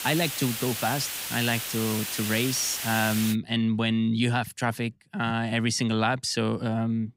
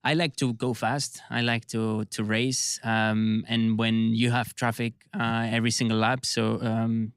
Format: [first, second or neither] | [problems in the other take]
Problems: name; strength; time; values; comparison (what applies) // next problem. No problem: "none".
second | hiss; loud; until 3.5 s; 4 dB below the speech